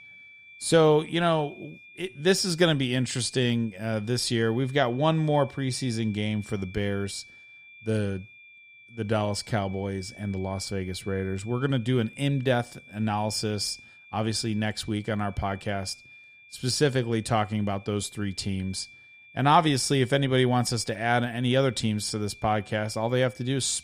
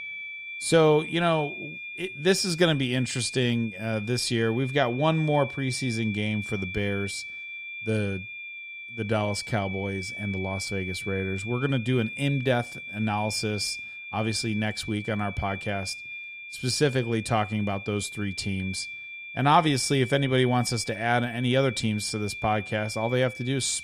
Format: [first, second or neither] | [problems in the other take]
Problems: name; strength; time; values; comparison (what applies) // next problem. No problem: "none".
first | high-pitched whine; loud; throughout; 2.5 kHz, 9 dB below the speech; faint in the first